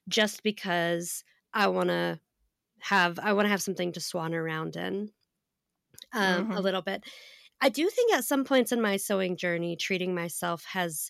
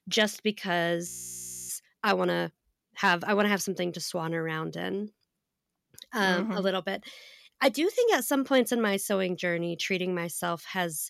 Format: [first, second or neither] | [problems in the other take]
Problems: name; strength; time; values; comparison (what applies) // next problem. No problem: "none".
first | audio freezing; at 1 s for 0.5 s